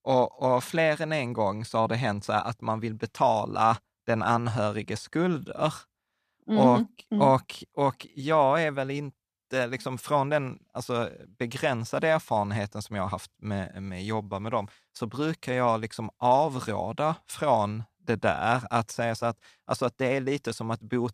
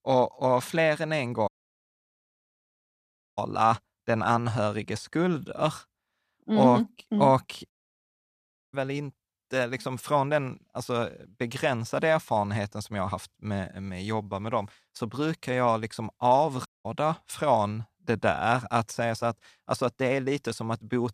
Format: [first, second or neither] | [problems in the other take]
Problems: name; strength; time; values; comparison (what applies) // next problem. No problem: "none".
first | audio cutting out; at 1.5 s for 2 s, at 7.5 s for 1 s and at 17 s